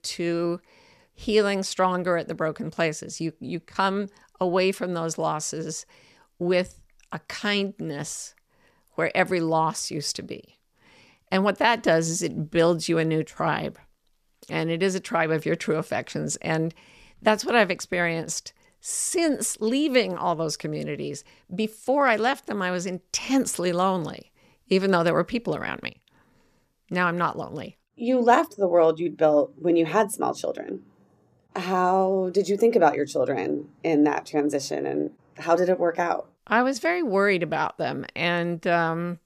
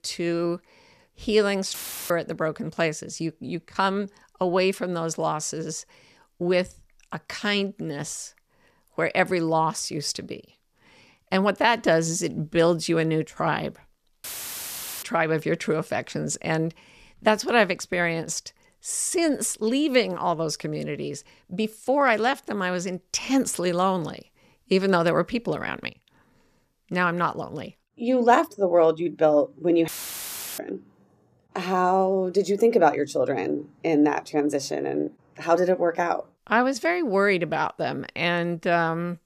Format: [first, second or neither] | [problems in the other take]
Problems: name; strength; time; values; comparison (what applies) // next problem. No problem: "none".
first | audio cutting out; filled with static; at 1.5 s, at 14 s for 1 s and at 30 s for 0.5 s